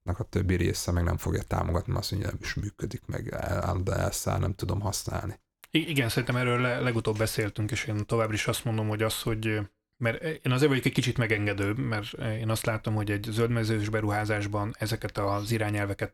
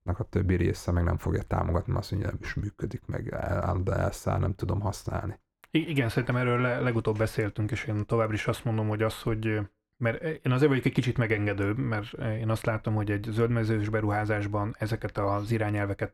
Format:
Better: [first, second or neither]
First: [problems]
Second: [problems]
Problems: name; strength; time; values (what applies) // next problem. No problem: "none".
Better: first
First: none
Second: muffled; slightly; fading above 2.5 kHz